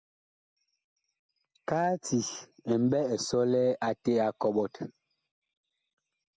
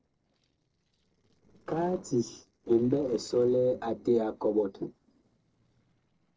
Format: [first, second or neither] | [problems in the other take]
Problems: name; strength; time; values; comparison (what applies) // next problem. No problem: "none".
first | noise reduction (neural separator model SepFormer DNS4)